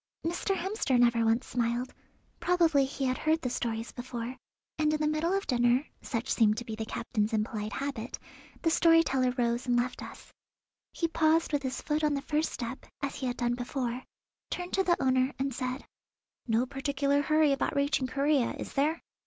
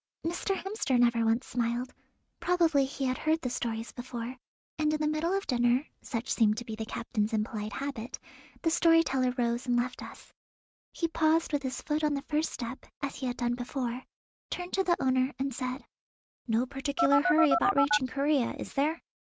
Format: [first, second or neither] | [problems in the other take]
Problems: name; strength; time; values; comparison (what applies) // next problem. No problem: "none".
first | noise reduction (neural mask model RNNoise)